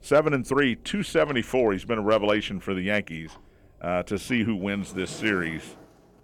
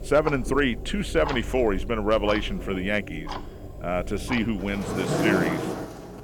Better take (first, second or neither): first